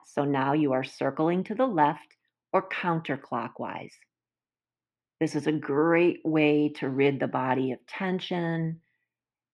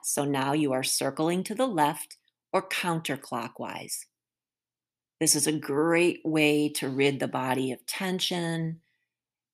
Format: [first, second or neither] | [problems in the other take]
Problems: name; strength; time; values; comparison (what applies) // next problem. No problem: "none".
second | muffled; very; fading above 1.5 kHz